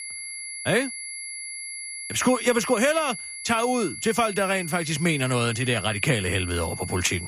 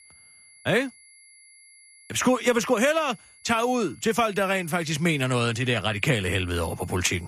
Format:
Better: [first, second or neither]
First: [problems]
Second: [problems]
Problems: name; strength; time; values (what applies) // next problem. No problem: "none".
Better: second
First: high-pitched whine; loud; throughout; 2 kHz, 9 dB below the speech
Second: high-pitched whine; faint; throughout; 2 kHz, 25 dB below the speech